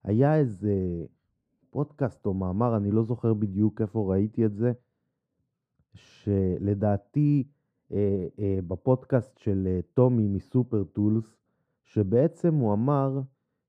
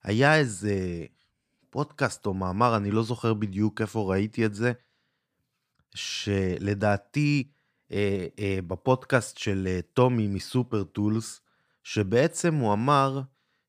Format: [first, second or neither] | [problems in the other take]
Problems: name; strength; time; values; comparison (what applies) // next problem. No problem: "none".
second | muffled; very; fading above 1 kHz